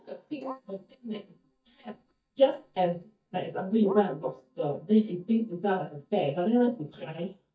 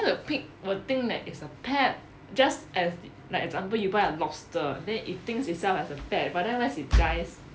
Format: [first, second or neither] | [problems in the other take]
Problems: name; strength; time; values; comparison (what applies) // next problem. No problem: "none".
second | noise reduction (neural mask model DeepFilterNet 3)